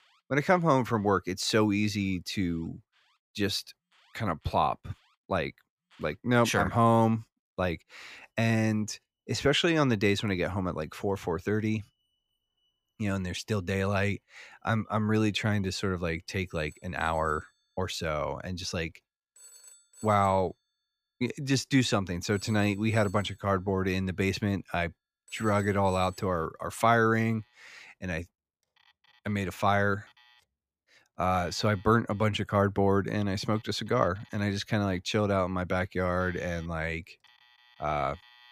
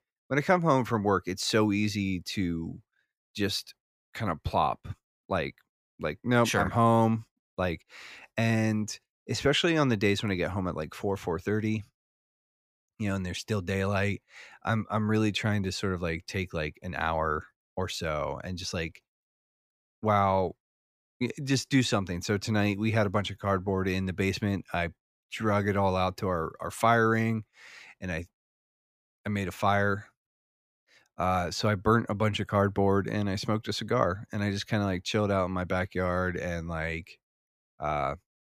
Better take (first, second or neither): second